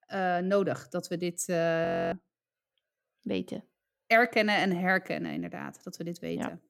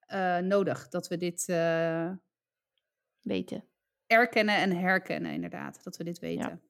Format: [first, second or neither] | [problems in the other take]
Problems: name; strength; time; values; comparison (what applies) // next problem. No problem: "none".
second | audio freezing; at 2 s